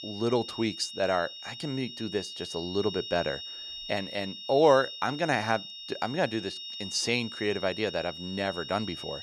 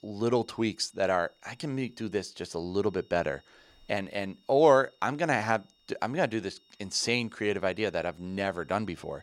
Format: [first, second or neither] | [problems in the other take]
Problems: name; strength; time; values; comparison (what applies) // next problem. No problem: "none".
second | high-pitched whine; loud; throughout; 3.5 kHz, 9 dB below the speech; faint in the second